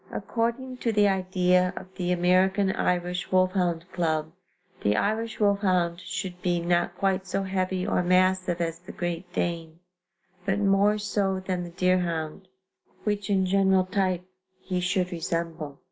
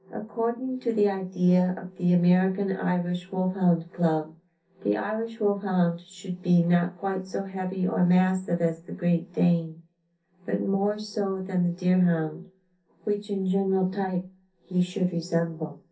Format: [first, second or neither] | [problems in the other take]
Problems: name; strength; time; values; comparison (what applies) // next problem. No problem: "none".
first | room echo; dies away in 0.3 s